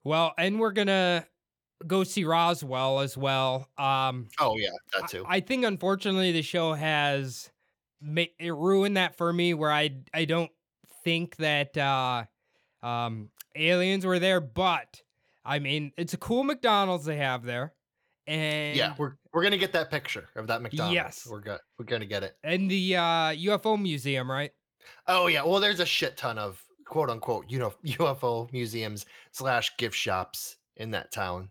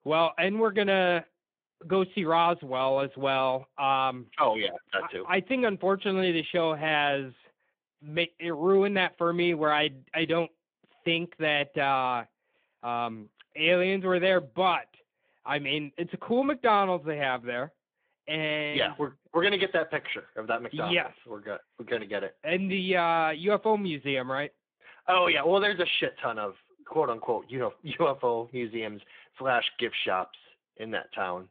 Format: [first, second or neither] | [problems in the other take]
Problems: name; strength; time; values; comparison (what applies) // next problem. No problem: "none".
first | phone-call audio